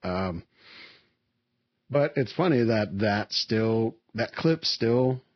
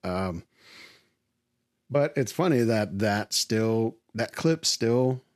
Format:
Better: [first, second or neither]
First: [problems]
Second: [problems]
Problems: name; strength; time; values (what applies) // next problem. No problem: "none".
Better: second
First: garbled, watery; badly; nothing above 5.5 kHz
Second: none